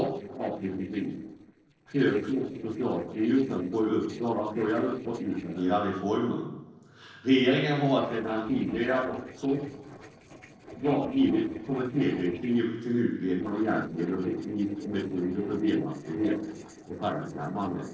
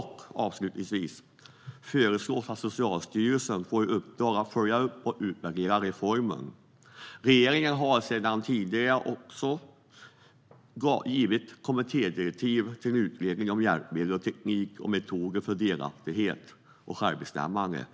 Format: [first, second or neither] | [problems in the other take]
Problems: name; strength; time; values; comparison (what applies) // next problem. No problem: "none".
second | noise reduction (neural separator model SepFormer DNS4)